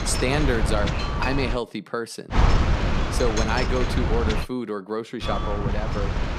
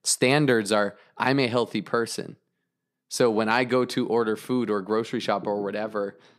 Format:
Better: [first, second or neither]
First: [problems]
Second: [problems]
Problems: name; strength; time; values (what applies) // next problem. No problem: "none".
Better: second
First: wind noise on the microphone; heavy; until 1.5 s, from 2.5 to 4.5 s and from 5 s on; 1 dB below the speech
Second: none